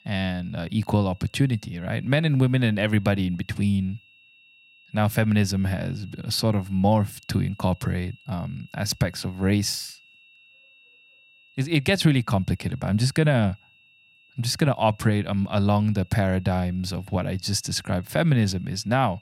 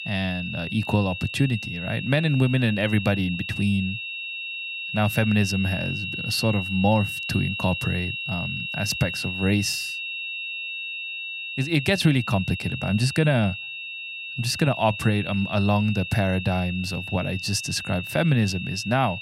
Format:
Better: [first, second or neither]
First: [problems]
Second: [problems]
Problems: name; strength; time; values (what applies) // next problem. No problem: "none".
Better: first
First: high-pitched whine; faint; throughout; 2.5 kHz, 30 dB below the speech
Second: high-pitched whine; loud; throughout; 2.5 kHz, 6 dB below the speech